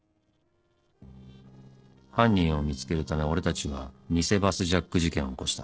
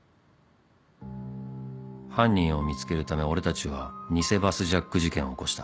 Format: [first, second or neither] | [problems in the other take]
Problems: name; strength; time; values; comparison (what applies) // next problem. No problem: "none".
second | noise reduction (neural separator model SepFormer DNS4)